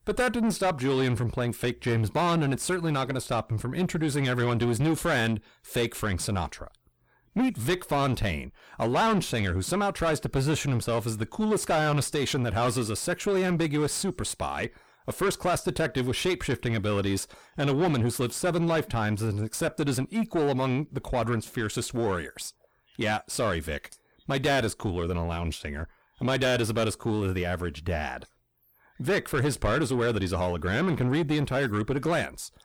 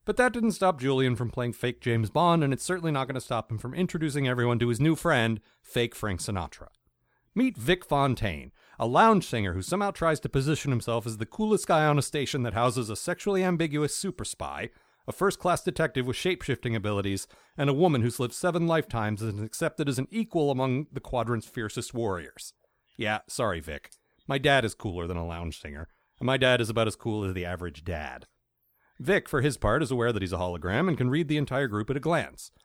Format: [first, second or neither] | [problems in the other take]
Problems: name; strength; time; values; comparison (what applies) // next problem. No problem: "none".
second | distortion; heavy; 7 dB below the speech